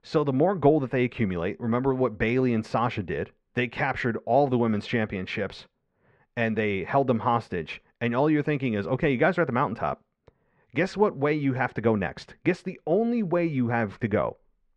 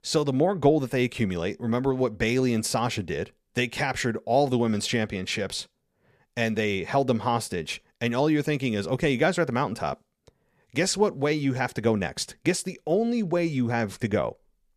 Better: second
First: muffled; very; fading above 2 kHz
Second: none

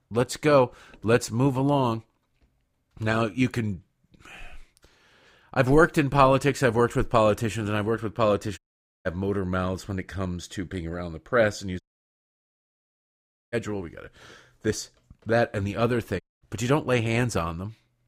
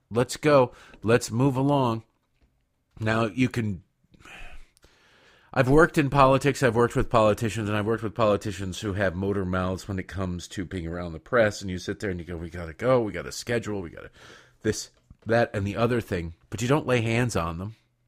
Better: second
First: audio cutting out; at 8.5 s, at 12 s for 1.5 s and at 16 s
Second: none

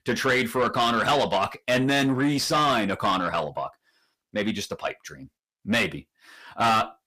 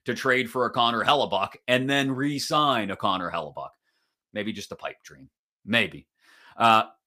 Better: second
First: distortion; heavy; 6 dB below the speech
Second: none

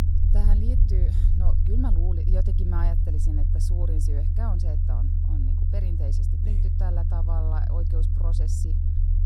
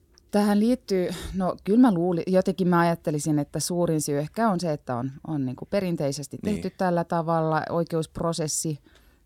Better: second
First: low rumble; loud; throughout; as loud as the speech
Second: none

